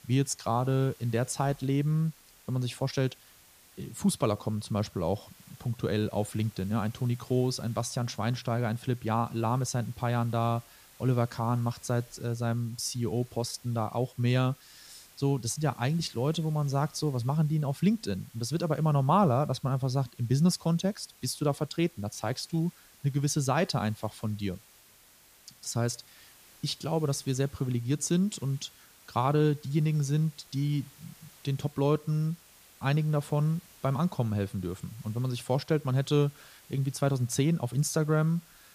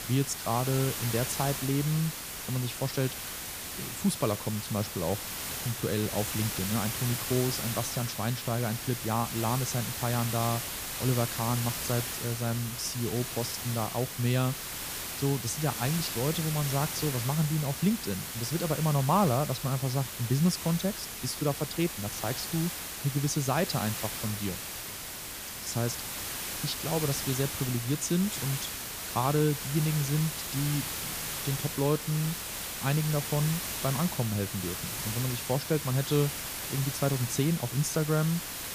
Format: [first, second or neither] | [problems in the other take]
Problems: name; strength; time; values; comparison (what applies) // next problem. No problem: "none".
first | hiss; loud; throughout; 4 dB below the speech; faint in the first